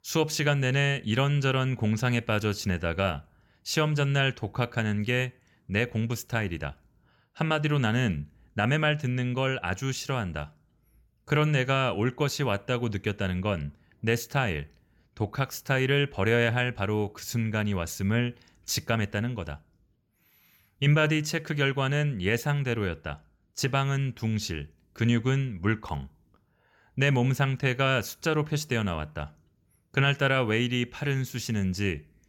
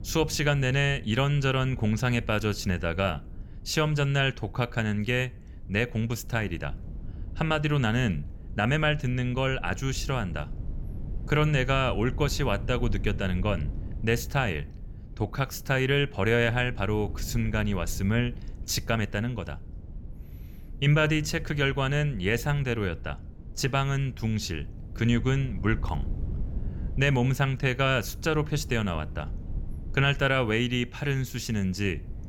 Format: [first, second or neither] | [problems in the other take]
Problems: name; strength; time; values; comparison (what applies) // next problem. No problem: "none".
first | wind noise on the microphone; occasional gusts; 25 dB below the speech